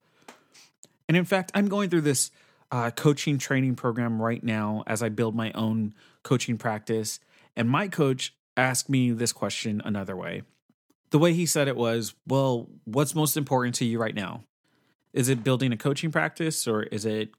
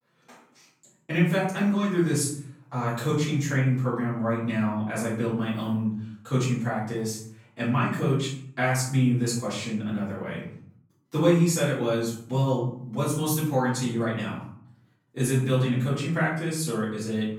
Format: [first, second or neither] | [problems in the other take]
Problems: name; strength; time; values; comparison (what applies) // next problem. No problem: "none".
first | off-mic speech; far // room echo; noticeable; dies away in 0.6 s